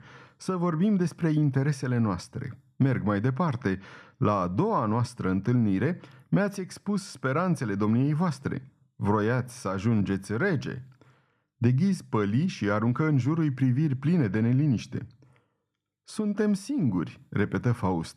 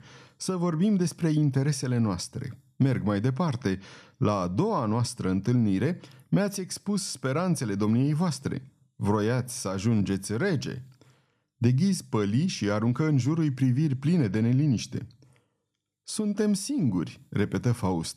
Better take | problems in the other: second | muffled; slightly; fading above 3.5 kHz

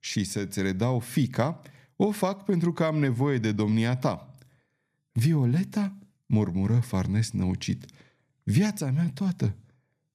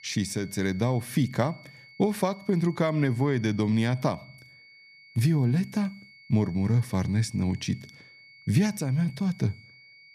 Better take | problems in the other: first | high-pitched whine; faint; throughout; 2 kHz, 25 dB below the speech

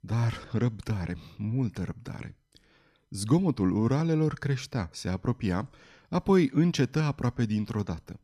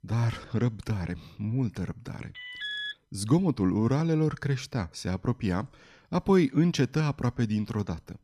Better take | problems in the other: first | alarm; noticeable; at 2.5 s; peak 5 dB below the speech

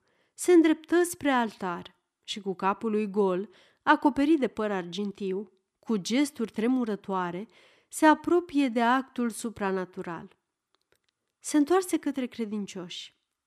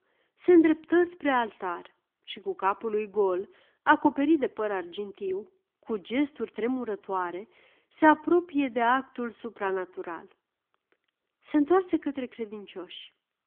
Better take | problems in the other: first | phone-call audio; nothing above 3.5 kHz

